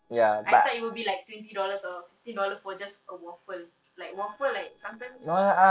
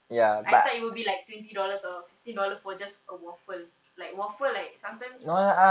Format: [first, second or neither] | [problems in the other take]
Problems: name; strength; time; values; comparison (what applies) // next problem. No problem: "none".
second | noise reduction (neural separator model SepFormer DNS4)